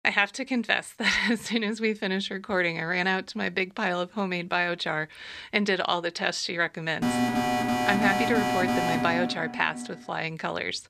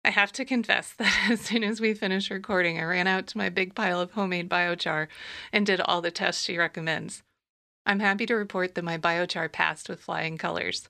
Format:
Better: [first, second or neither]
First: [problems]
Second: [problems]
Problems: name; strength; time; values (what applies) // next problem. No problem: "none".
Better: second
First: alarm; loud; from 7 to 10 s; peak 2 dB above the speech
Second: none